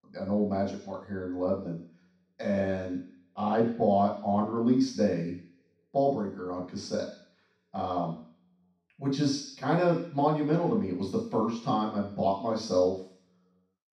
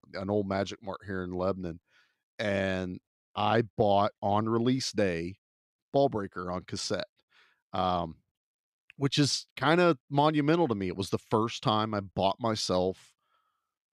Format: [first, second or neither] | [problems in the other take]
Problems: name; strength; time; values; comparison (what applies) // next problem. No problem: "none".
second | room echo; noticeable; dies away in 0.6 s // off-mic speech; far